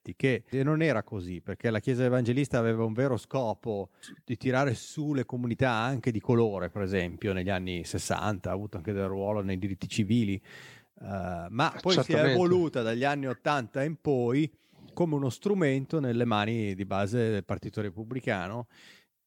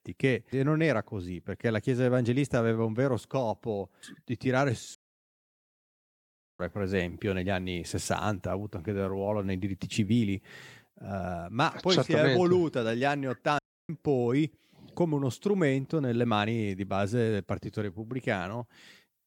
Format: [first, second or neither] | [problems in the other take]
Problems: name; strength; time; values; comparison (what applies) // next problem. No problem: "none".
first | audio cutting out; at 5 s for 1.5 s and at 14 s